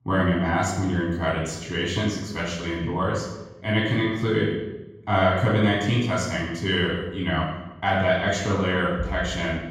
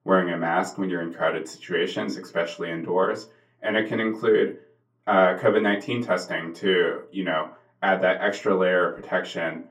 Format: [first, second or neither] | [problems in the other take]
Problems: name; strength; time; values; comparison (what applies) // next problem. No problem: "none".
second | room echo; strong; dies away in 1.3 s; slight in the second // off-mic speech; far; far in the second